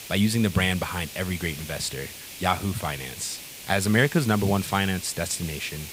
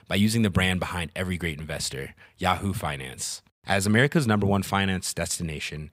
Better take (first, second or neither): second